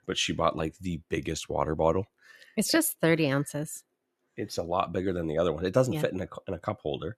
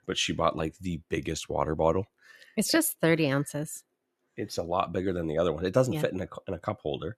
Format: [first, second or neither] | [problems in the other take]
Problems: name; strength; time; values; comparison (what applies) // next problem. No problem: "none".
neither | none